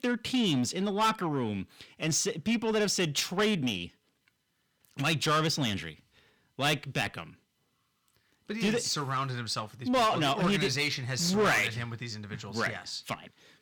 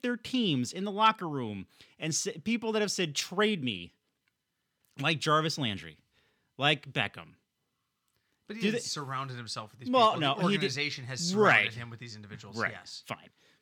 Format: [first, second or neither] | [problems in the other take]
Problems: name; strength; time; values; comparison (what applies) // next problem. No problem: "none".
second | distortion; heavy; 7 dB below the speech